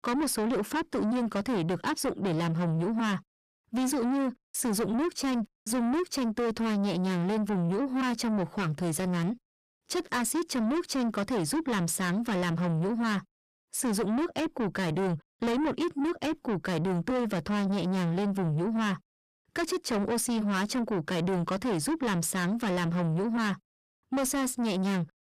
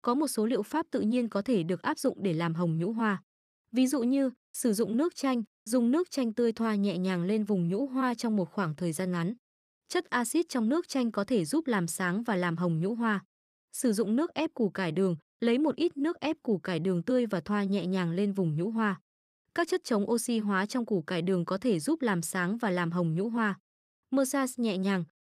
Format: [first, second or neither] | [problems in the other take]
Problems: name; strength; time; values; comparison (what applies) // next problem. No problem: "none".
second | distortion; heavy; 7 dB below the speech